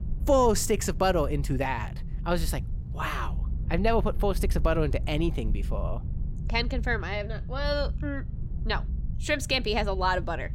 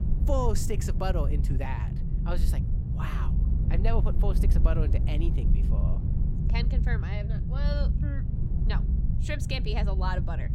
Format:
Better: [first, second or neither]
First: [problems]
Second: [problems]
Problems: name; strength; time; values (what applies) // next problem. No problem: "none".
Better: first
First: low rumble; faint; throughout; 20 dB below the speech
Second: low rumble; loud; throughout; 6 dB below the speech